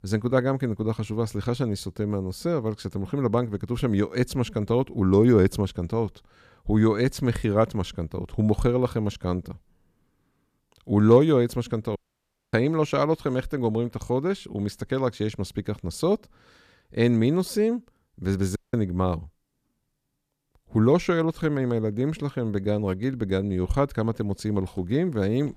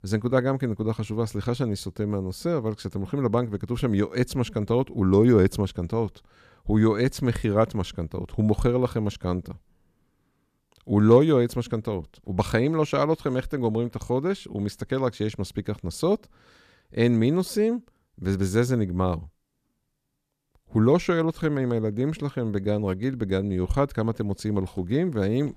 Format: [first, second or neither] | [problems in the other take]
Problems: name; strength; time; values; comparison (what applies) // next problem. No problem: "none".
second | audio cutting out; at 12 s for 0.5 s and at 19 s